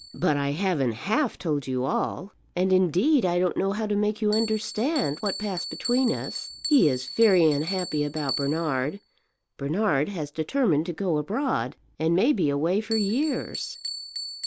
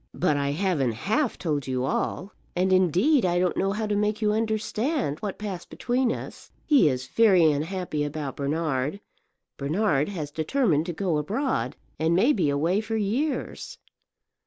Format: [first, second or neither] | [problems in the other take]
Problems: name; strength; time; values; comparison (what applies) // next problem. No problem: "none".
second | background sound (Bell); 13 dB below the speech